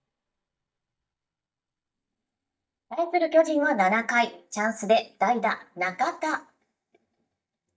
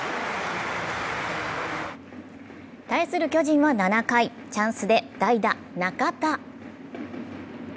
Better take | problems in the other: second | noise reduction (neural mask model DeepFilterNet 3)

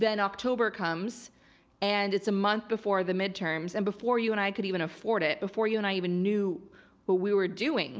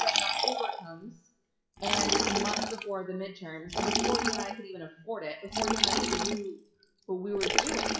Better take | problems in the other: first | noise reduction (classical method WPE with log-MMSE)

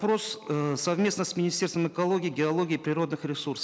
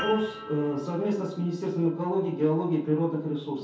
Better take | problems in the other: first | background sound (Piano); 16 dB below the speech // room echo; dies away in 0.6 s

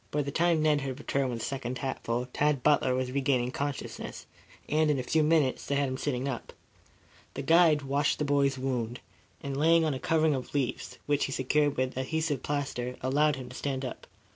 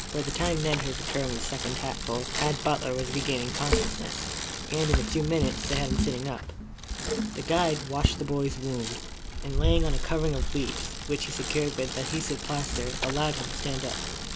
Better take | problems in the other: first | background sound (Bicycle); as loud as the speech

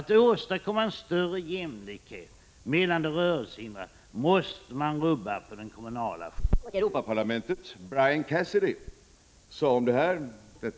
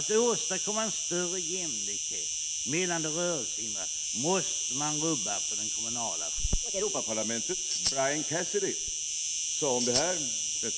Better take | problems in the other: first | background sound (Insect + Tambourine); 2 dB above the speech

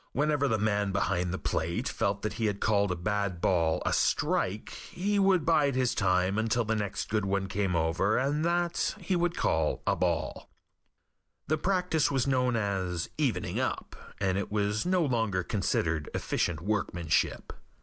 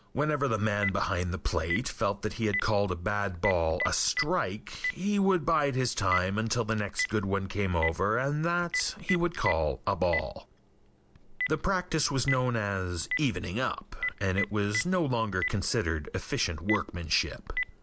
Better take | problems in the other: first | background sound (Telephone); 9 dB below the speech

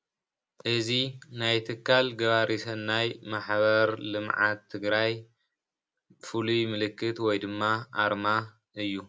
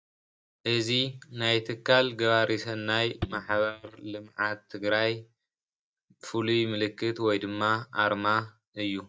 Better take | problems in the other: first | noise reduction (neural mask model DeepFilterNet 3)

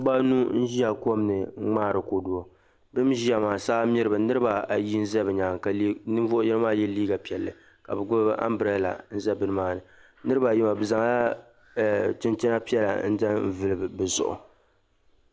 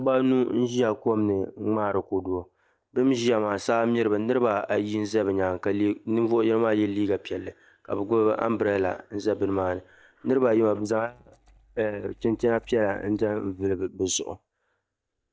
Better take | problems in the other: first | noise reduction (neural mask model DeepFilterNet 3)

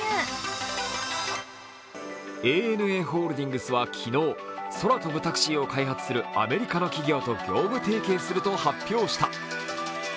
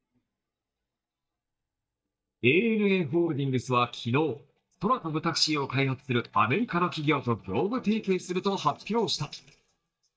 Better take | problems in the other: first | noise reduction (neural mask model DeepFilterNet 3)

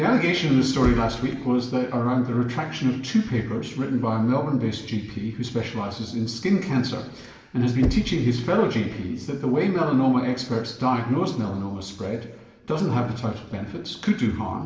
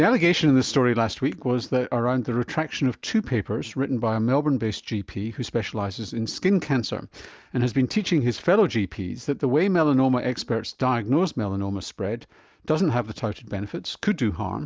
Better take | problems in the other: second | background sound (Knock); 10 dB below the speech // room echo; dies away in 1 s

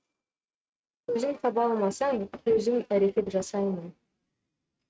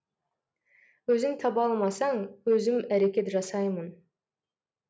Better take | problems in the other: second | noise reduction (neural mask model RNNoise)

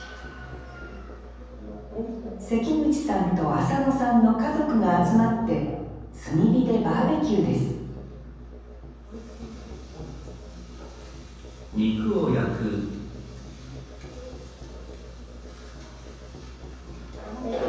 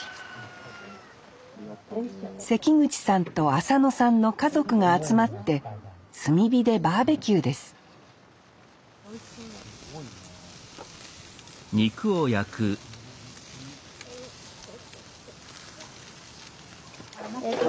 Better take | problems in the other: second | background sound (Musical instrument); 15 dB below the speech // room echo; dies away in 1.1 s

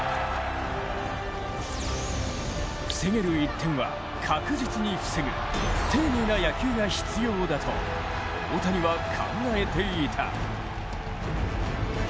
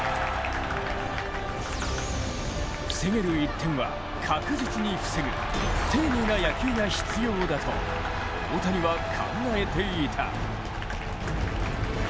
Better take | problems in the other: first | background sound (Applause + Engine); 10 dB below the speech

